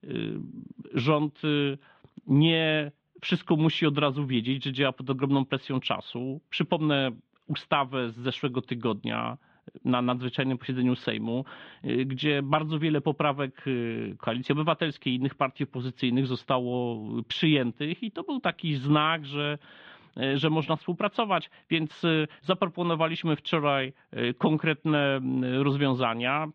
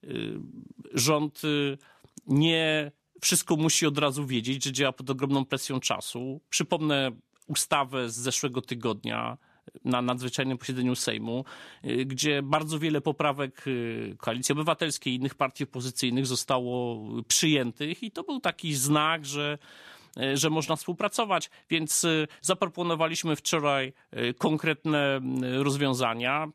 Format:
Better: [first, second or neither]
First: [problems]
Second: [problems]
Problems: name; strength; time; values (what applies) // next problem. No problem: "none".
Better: second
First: muffled; very; fading above 3.5 kHz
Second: none